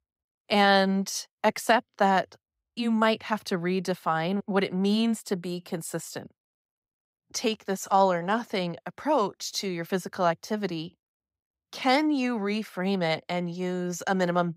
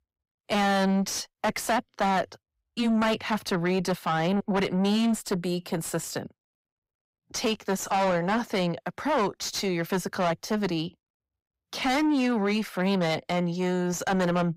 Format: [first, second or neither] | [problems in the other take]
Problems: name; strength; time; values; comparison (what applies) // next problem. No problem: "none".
first | distortion; heavy; 6 dB below the speech